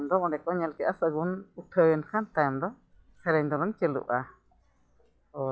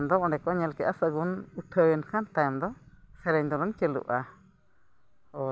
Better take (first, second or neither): second